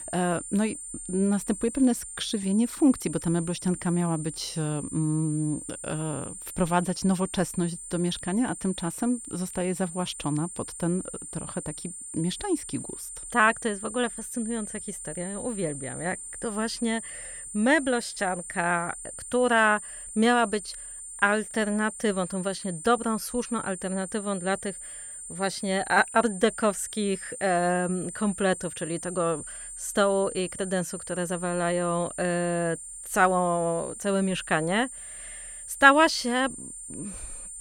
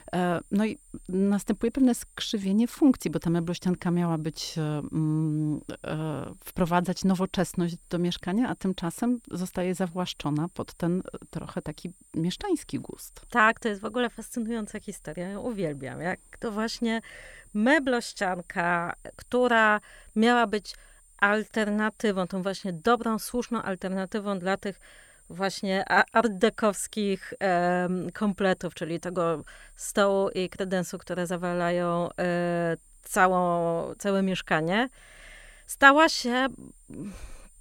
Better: second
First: high-pitched whine; loud; throughout; 9 kHz, 10 dB below the speech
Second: high-pitched whine; faint; throughout; 9 kHz, 30 dB below the speech

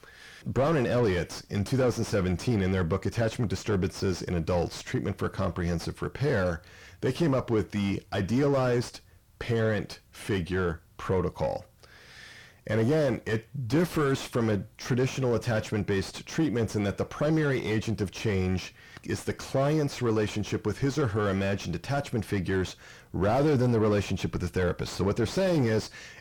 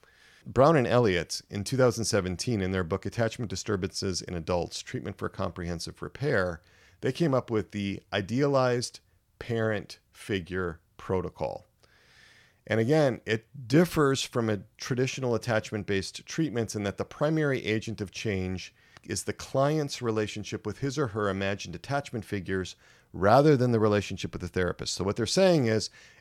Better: second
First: distortion; heavy; 5 dB below the speech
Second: none

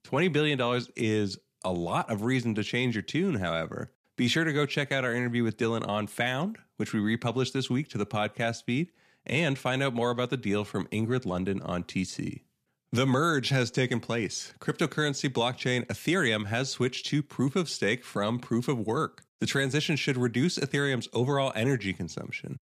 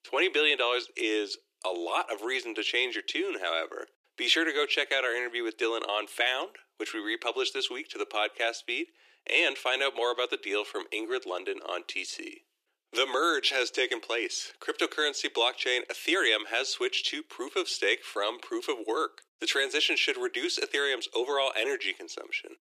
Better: first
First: none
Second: thin; very; fading below 300 Hz

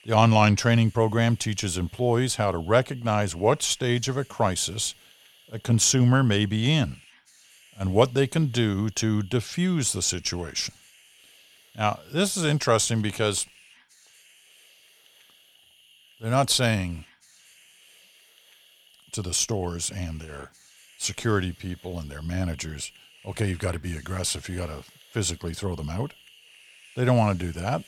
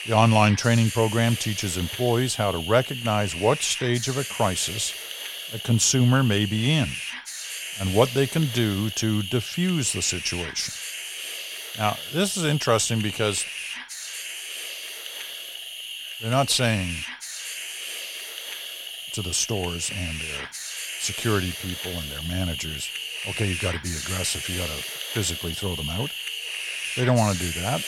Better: first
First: hiss; faint; throughout; 25 dB below the speech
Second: hiss; loud; throughout; 7 dB below the speech

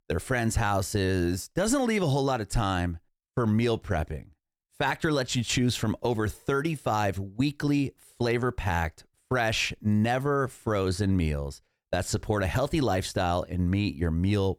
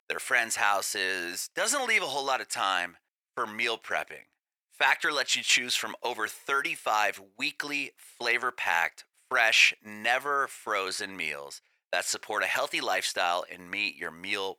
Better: first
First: none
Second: thin; very; fading below 850 Hz

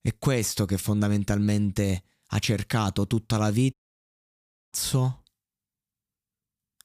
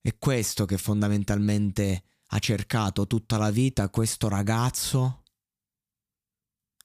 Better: second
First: audio cutting out; at 3.5 s for 1 s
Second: none

